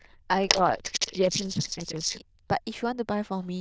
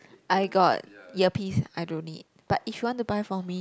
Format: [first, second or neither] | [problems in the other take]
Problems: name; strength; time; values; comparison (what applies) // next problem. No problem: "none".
second | noise reduction (neural diffusion model UNIVERSE++)